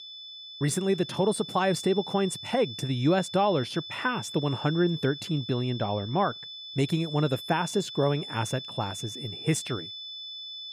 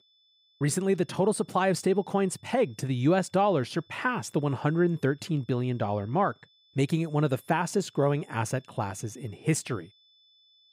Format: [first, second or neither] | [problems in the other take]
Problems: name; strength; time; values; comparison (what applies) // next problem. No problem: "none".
second | high-pitched whine; loud; throughout; 3.5 kHz, 10 dB below the speech; faint in the second